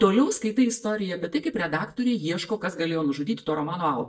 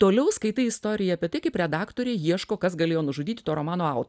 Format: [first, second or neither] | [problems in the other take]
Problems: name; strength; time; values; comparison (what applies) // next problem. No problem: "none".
second | noise reduction (neural mask model DeepFilterNet 3)